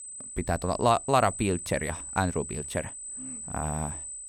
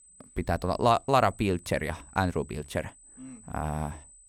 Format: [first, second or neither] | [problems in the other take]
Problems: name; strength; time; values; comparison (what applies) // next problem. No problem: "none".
second | high-pitched whine; loud; throughout; 8 kHz, 8 dB below the speech; faint in the second